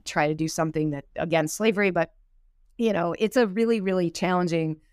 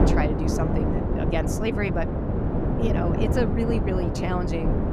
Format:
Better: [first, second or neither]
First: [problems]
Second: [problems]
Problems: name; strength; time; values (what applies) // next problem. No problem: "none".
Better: first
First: none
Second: wind noise on the microphone; heavy; as loud as the speech